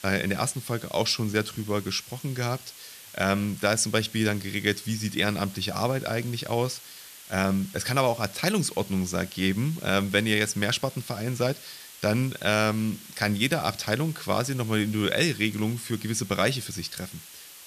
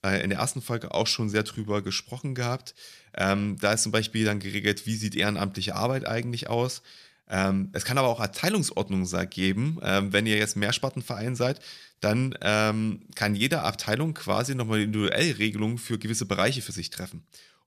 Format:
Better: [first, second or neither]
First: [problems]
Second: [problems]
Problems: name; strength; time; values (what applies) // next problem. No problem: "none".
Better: second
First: hiss; noticeable; throughout; 15 dB below the speech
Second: none